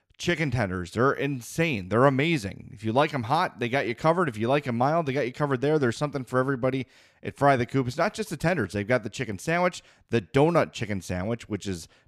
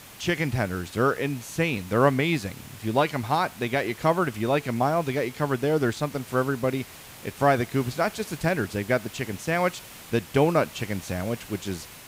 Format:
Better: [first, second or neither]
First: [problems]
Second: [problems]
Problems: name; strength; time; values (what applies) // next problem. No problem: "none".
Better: first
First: none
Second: hiss; noticeable; throughout; 15 dB below the speech